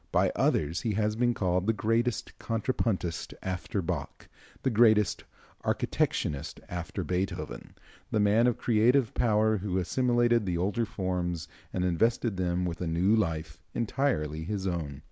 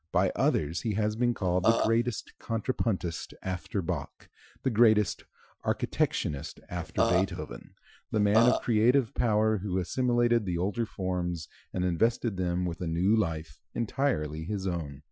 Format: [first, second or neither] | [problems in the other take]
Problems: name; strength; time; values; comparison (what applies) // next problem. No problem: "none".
first | noise reduction (classical method Wiener filter)